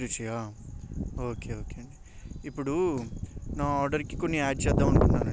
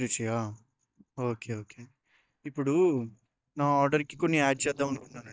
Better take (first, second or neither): first